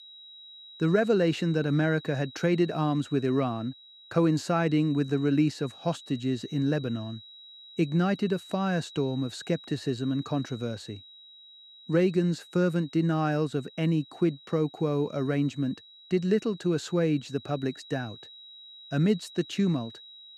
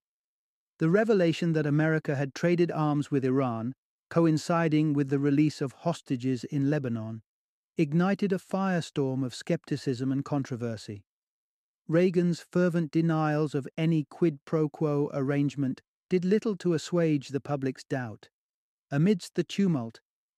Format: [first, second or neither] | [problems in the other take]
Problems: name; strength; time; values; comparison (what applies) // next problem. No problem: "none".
second | high-pitched whine; noticeable; throughout; 4 kHz, 20 dB below the speech